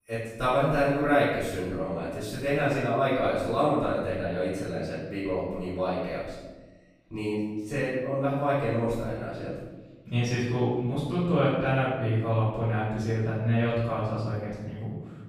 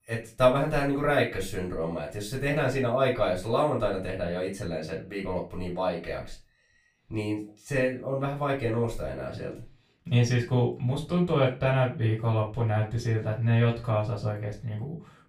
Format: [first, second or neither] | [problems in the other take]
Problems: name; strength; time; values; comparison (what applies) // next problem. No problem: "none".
second | room echo; strong; dies away in 1.1 s; slight in the second // off-mic speech; far; far in the second